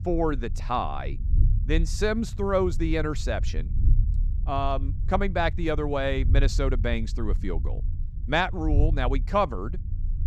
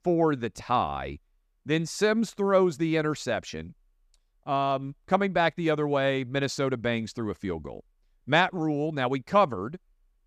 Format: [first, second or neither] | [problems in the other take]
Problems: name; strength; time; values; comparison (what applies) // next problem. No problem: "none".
second | low rumble; noticeable; throughout; 20 dB below the speech